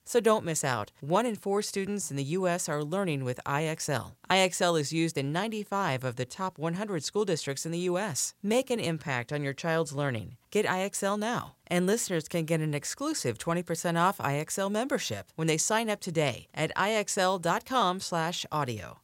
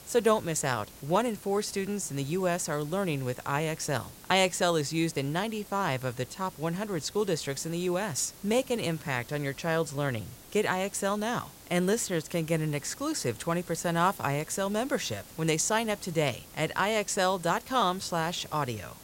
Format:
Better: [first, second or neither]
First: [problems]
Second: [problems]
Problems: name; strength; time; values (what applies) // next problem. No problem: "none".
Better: first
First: none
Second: hiss; noticeable; throughout; 20 dB below the speech